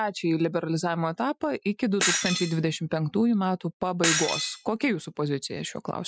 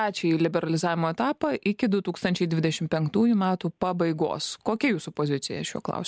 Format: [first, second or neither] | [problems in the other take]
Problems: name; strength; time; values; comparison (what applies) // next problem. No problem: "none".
second | noise reduction (classical method Wiener filter)